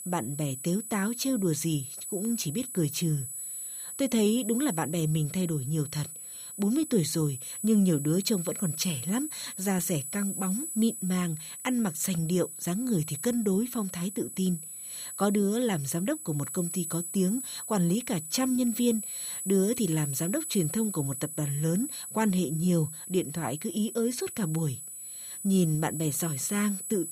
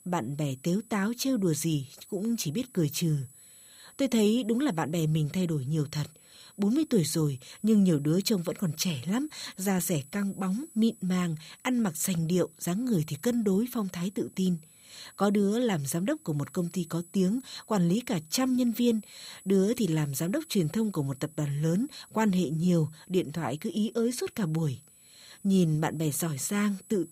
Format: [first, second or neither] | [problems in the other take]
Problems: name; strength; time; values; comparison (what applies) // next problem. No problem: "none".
second | high-pitched whine; loud; throughout; 10 kHz, 7 dB below the speech; faint in the second